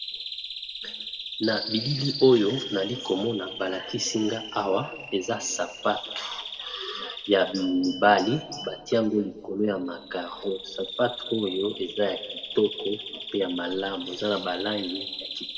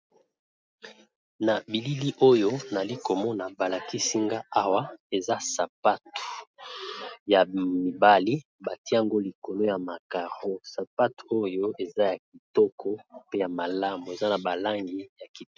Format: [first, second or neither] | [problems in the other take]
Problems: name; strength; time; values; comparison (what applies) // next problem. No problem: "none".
second | background sound (Bird vocalization, bird call, bird song); 10 dB below the speech // room echo; dies away in 1 s